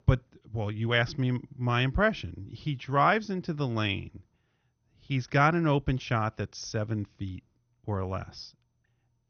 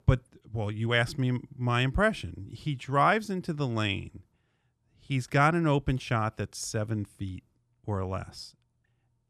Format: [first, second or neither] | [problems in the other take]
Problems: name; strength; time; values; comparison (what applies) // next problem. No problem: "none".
second | garbled, watery; slightly; nothing above 6.5 kHz